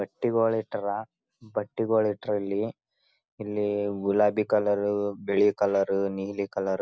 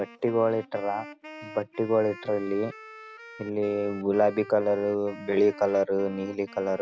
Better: first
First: none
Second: background sound (Wind instrument, woodwind instrument); 18 dB below the speech

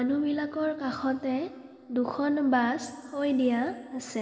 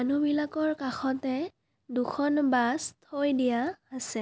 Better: second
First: room echo; dies away in 2.5 s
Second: none

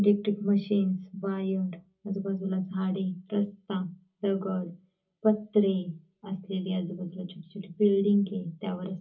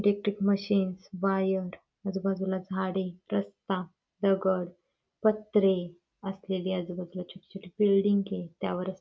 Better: second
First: room echo; dies away in 0.4 s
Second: none

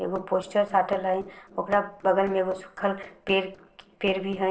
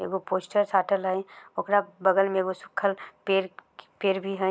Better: second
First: noise reduction (neural separator model SepFormer DNS4)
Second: none

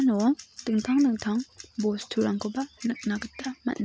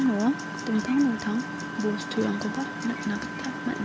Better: first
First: none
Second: background sound (Engine); 6 dB below the speech

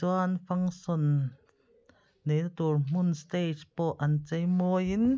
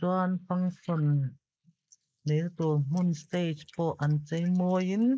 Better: first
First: none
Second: noise reduction (neural mask model Resemble Enhance denoiser)

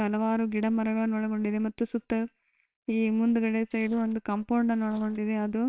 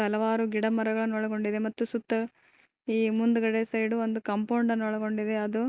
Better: second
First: noise reduction (neural separator model SepFormer WHAMR!)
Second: none

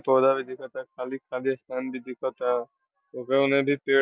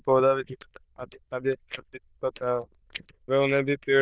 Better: first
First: none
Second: noise reduction (neural diffusion model UNIVERSE++)

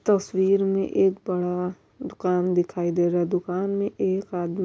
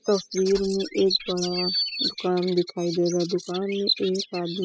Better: first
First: none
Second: noise reduction (classical method spectral subtraction)

